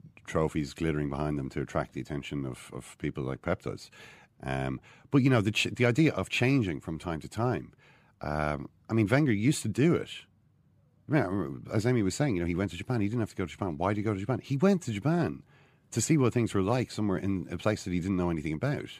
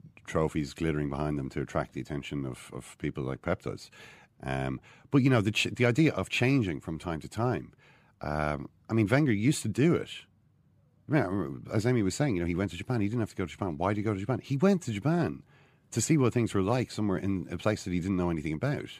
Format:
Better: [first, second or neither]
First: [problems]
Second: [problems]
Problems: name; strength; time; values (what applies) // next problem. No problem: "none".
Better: neither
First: none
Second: none